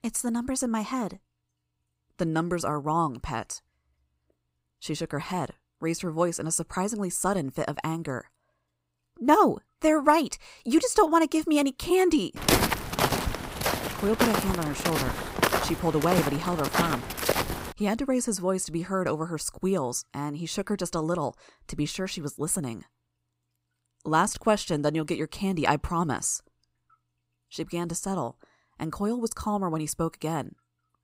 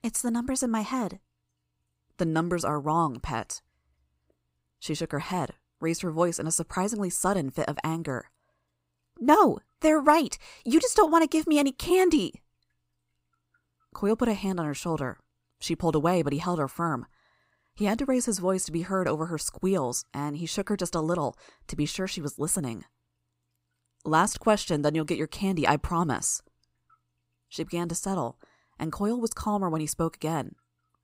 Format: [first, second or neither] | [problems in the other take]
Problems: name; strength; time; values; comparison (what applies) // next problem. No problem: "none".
second | footsteps; loud; from 12 to 18 s; peak 5 dB above the speech